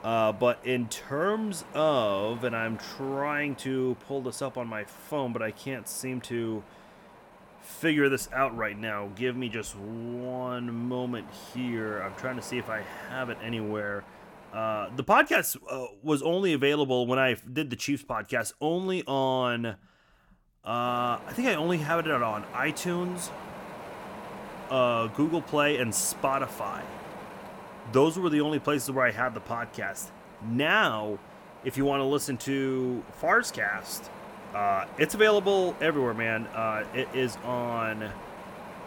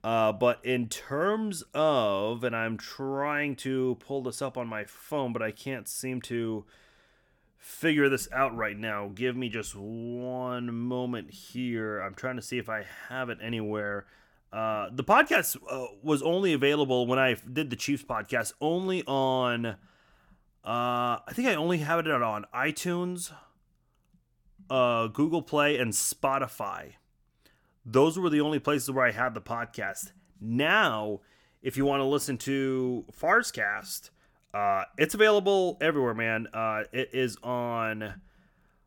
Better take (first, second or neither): second